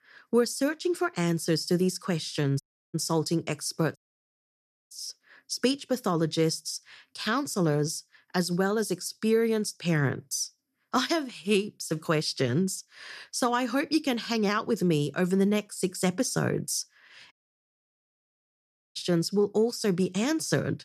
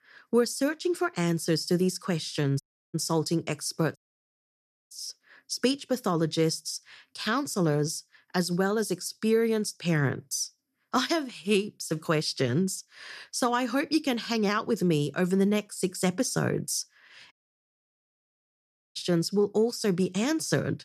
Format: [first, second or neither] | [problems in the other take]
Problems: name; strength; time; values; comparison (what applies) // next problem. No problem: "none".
neither | audio cutting out; at 2.5 s, at 4 s for 1 s and at 17 s for 1.5 s; the same in both